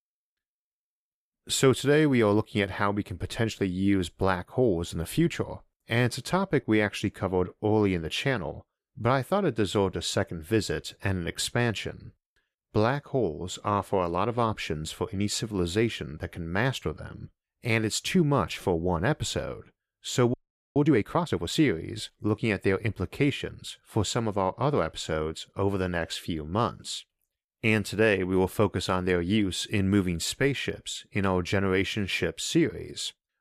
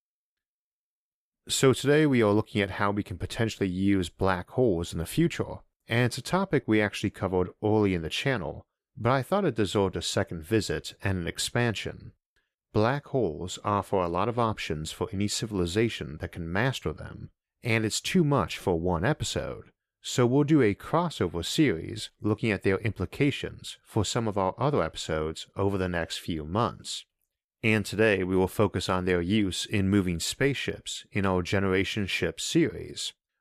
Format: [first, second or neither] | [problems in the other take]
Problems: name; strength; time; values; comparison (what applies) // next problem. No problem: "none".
second | audio freezing; at 20 s